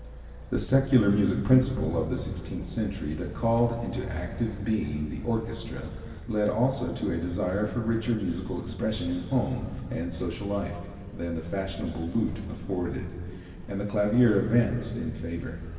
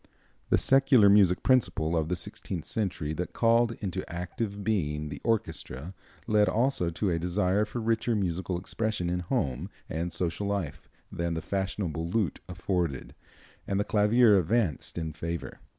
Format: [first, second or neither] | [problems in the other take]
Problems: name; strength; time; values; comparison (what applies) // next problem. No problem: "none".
second | background sound (Motor vehicle (road)); 13 dB below the speech // room echo; dies away in 2.3 s